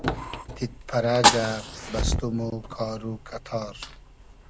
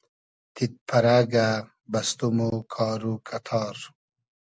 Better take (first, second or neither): second